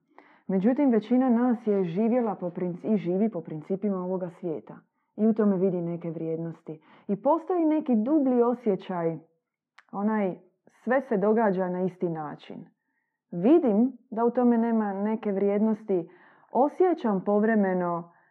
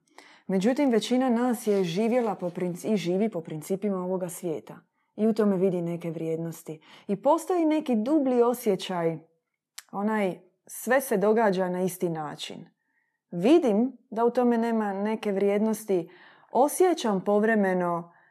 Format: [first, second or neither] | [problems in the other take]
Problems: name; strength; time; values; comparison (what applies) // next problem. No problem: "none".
second | muffled; very; fading above 1.5 kHz